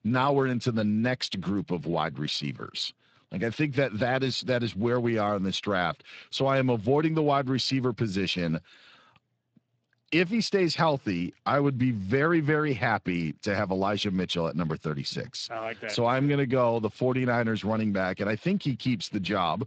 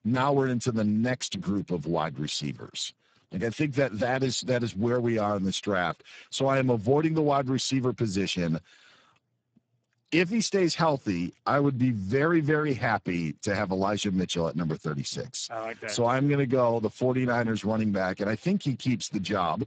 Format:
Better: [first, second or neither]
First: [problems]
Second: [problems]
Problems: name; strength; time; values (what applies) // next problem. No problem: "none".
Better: first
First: garbled, watery; slightly; nothing above 7.5 kHz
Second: garbled, watery; badly; nothing above 7.5 kHz